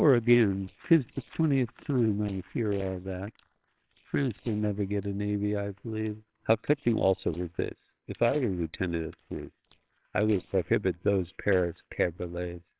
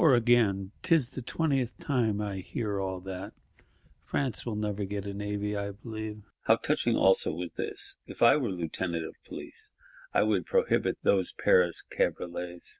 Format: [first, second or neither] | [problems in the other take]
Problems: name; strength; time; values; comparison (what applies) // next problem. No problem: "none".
second | noise reduction (neural separator model SepFormer WHAMR!)